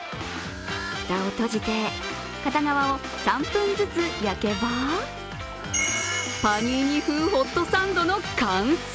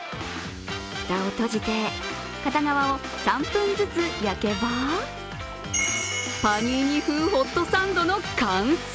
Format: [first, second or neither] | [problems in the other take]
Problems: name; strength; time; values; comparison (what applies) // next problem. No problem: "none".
second | background sound (Bird / Fowl); 19 dB below the speech